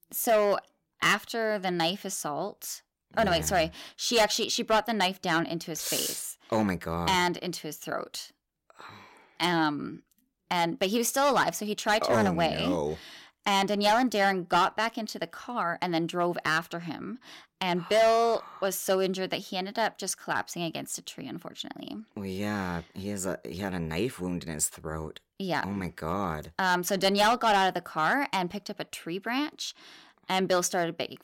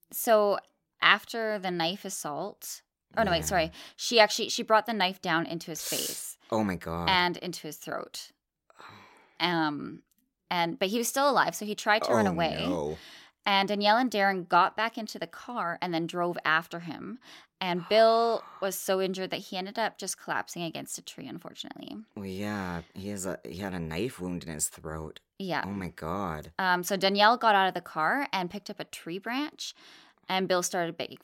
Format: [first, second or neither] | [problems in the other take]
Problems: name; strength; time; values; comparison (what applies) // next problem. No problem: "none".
second | distortion; slight; 3% of the sound clipped